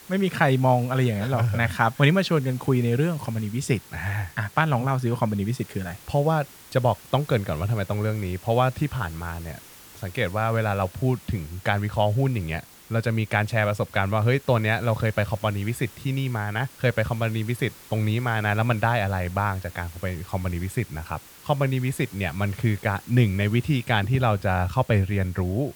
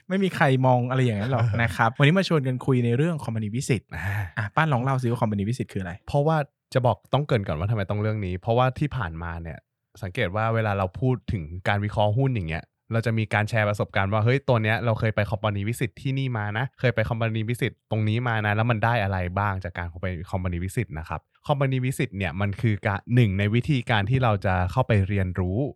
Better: second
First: hiss; faint; throughout; 20 dB below the speech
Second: none

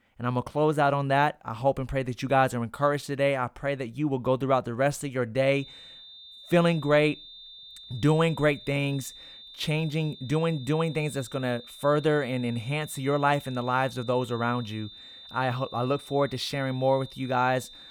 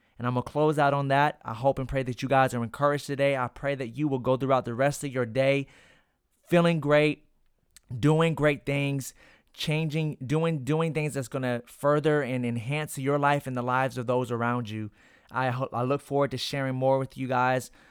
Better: second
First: high-pitched whine; noticeable; from 5.5 s on; 3.5 kHz, 15 dB below the speech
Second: none

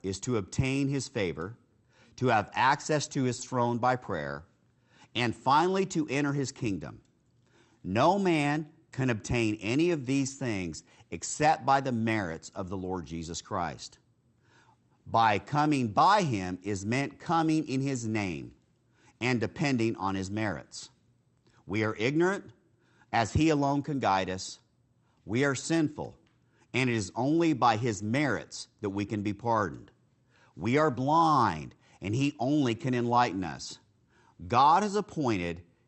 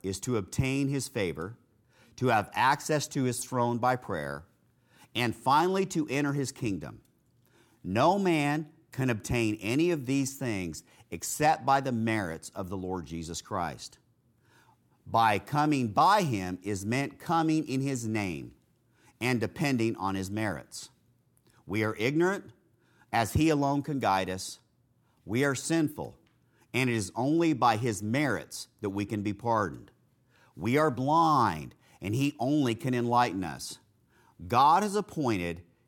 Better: second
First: garbled, watery; slightly; nothing above 8 kHz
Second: none

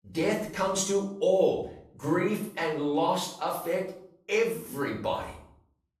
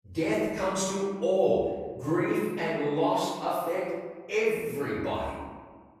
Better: first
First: room echo; slight; dies away in 0.5 s // off-mic speech; far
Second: room echo; strong; dies away in 1.4 s // off-mic speech; far

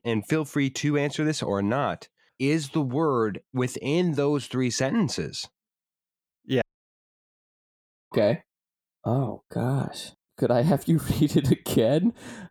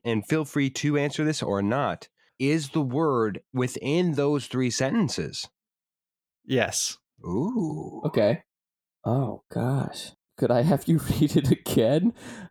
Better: second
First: audio cutting out; at 6.5 s for 1.5 s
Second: none

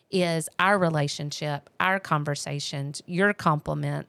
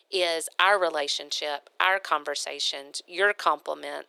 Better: first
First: none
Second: thin; very; fading below 350 Hz

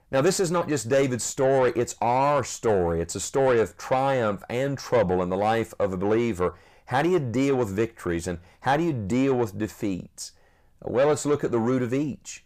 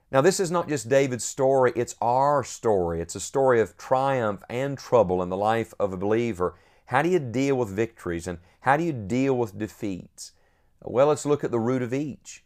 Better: second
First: distortion; slight; 10 dB below the speech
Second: none

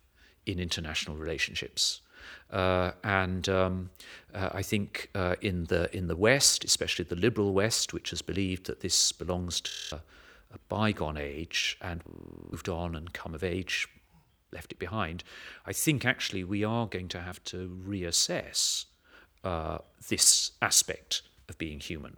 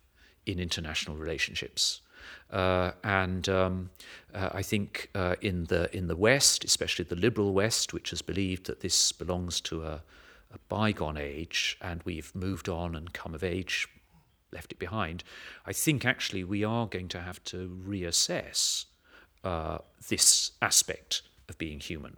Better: second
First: audio freezing; at 9.5 s and at 12 s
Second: none

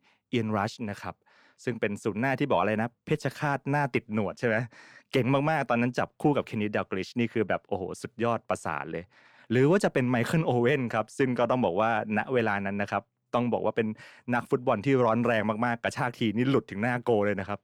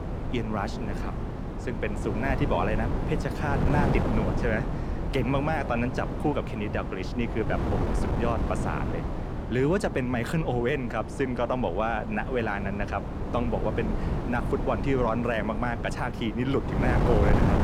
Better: first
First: none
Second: wind noise on the microphone; heavy; 5 dB below the speech

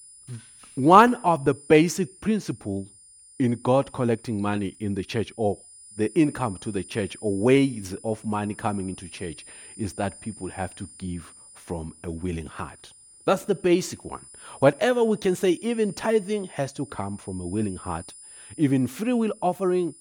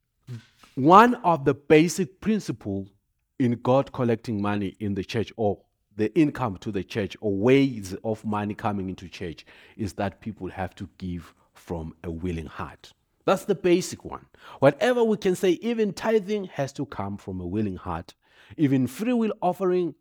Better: second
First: high-pitched whine; faint; throughout; 9.5 kHz, 20 dB below the speech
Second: none

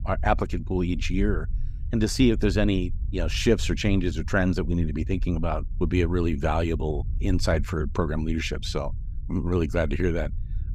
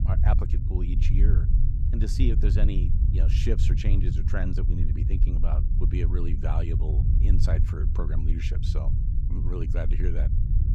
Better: first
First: low rumble; faint; throughout; 25 dB below the speech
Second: low rumble; loud; throughout; 3 dB below the speech

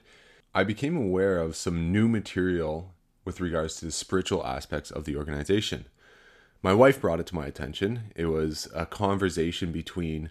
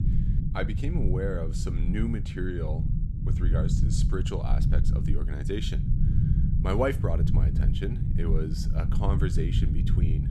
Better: first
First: none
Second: low rumble; loud; throughout; 5 dB below the speech

